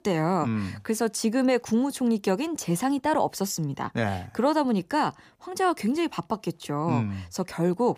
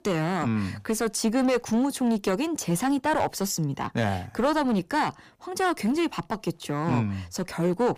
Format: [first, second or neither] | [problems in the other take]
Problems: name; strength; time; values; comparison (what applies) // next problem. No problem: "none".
first | distortion; slight; 7% of the sound clipped